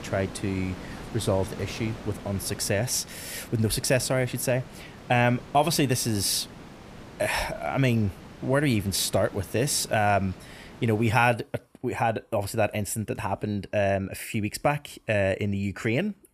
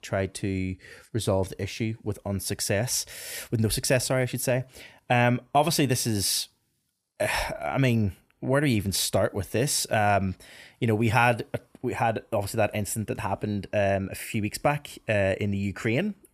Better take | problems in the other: second | wind noise on the microphone; occasional gusts; until 11 s; 20 dB below the speech

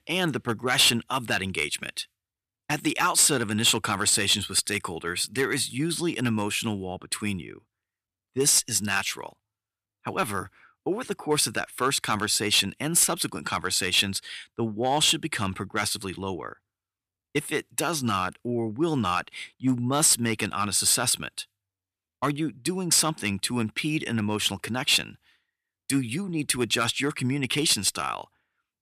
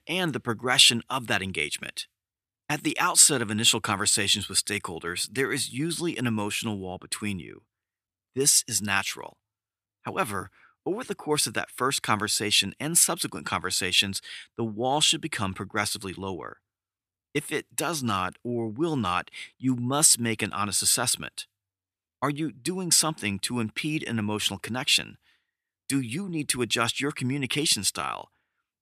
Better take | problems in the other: second | distortion; slight; 1.7% of the sound clipped

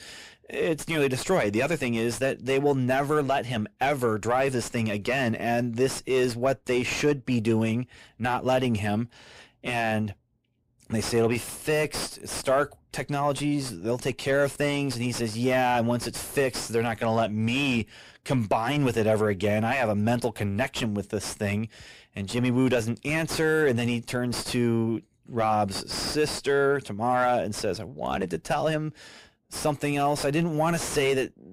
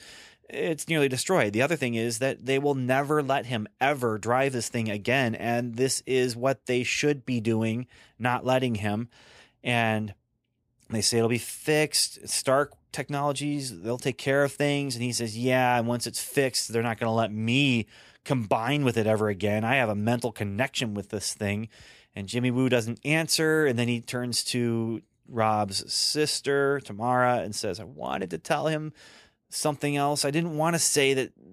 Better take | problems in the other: second | distortion; heavy; 6 dB below the speech

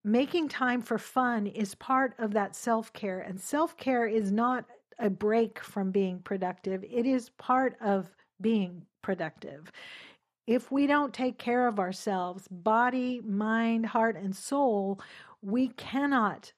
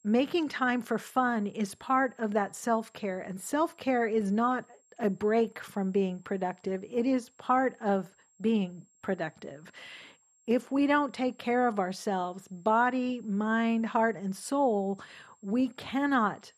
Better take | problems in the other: first | high-pitched whine; faint; throughout; 7.5 kHz, 35 dB below the speech

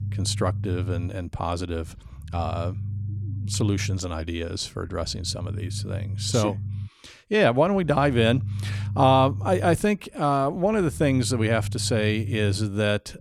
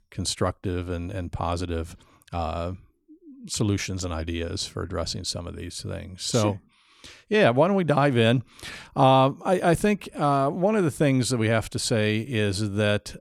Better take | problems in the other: second | low rumble; faint; throughout; 20 dB below the speech

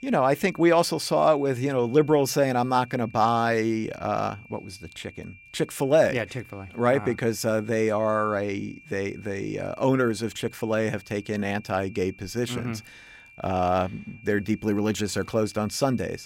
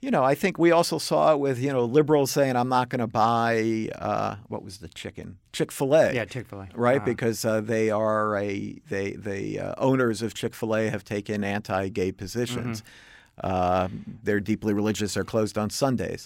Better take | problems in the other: second | high-pitched whine; faint; throughout; 2.5 kHz, 25 dB below the speech

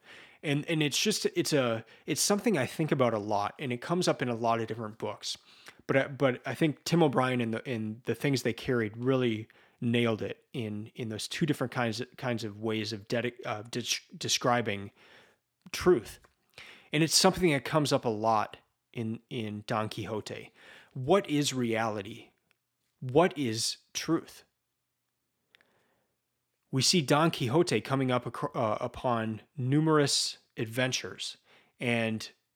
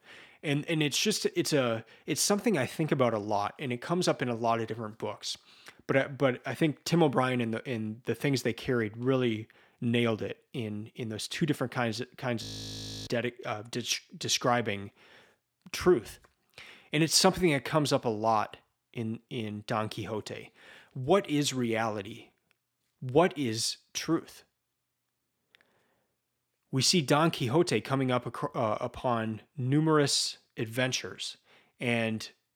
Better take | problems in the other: first | audio freezing; at 12 s for 0.5 s

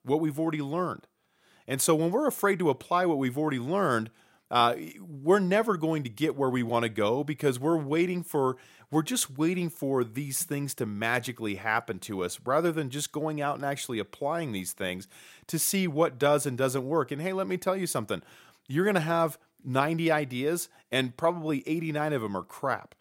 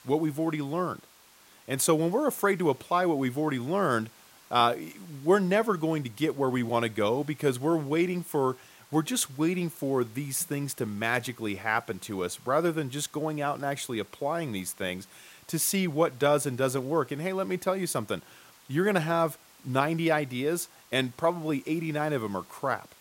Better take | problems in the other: first | hiss; faint; throughout; 25 dB below the speech

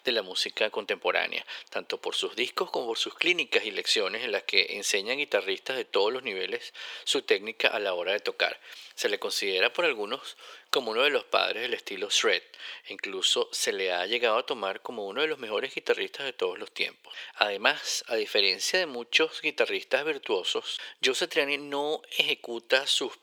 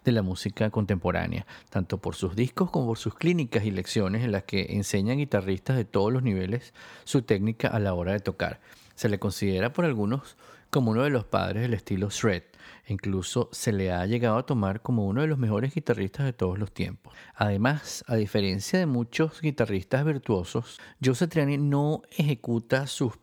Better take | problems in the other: second | thin; very; fading below 400 Hz

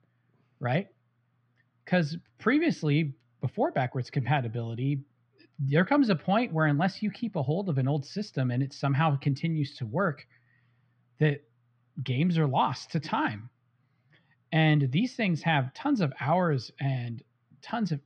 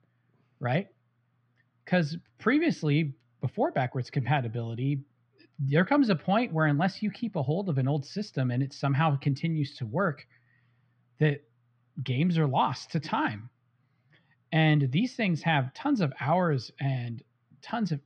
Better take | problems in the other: neither | muffled; slightly; fading above 3.5 kHz; the same in both

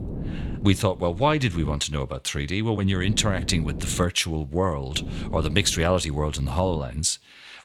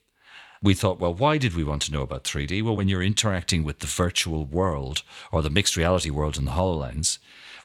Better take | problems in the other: second | wind noise on the microphone; occasional gusts; until 2 s, from 3 to 4 s and from 5 to 7 s; 20 dB below the speech

